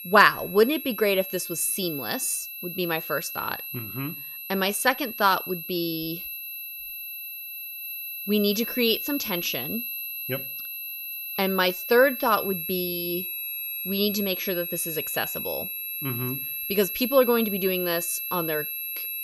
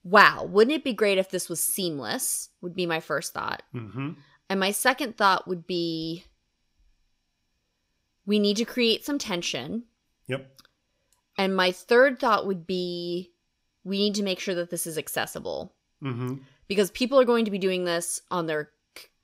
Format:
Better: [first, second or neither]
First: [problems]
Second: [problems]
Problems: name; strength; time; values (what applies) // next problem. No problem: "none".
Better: second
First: high-pitched whine; loud; throughout; 11.5 kHz, 5 dB below the speech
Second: none